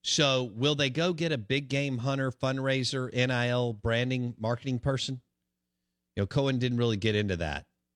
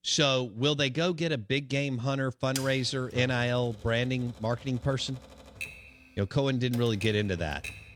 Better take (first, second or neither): first